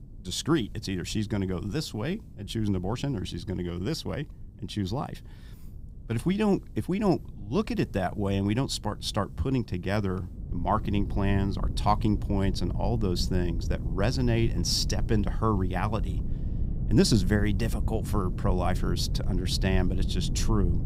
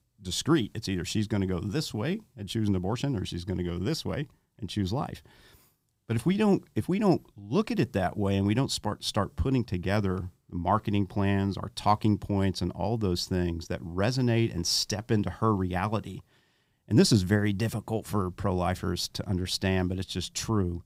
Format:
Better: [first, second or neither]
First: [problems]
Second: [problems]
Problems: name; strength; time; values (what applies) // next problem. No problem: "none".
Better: second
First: wind noise on the microphone; occasional gusts; 15 dB below the speech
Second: none